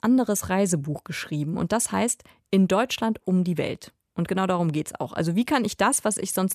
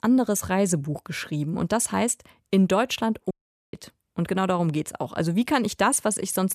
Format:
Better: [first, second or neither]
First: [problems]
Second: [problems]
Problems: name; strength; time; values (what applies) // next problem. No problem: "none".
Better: first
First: none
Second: audio cutting out; at 3.5 s